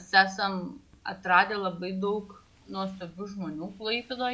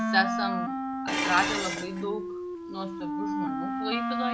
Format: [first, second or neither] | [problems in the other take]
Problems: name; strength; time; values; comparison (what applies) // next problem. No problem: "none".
first | background sound (Wind instrument, woodwind instrument + Dishes, pots, and pans); 2 dB above the speech